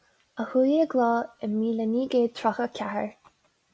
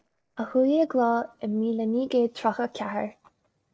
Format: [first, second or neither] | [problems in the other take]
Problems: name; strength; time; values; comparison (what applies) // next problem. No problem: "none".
first | noise reduction (neural separator model SepFormer DNS4)